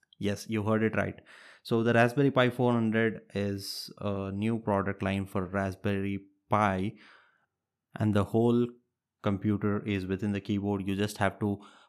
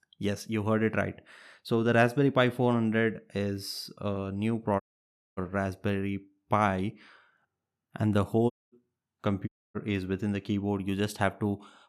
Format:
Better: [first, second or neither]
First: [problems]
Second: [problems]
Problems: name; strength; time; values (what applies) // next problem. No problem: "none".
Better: first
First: none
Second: audio cutting out; at 5 s for 0.5 s, at 8.5 s and at 9.5 s